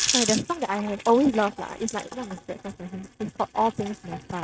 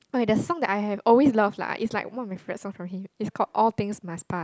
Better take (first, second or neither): second